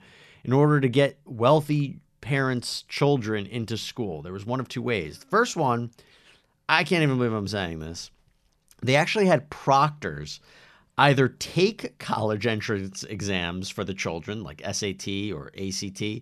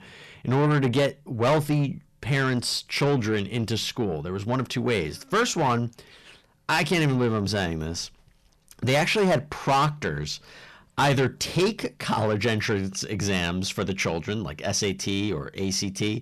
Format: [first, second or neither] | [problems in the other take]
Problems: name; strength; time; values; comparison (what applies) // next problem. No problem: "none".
first | distortion; heavy; 7 dB below the speech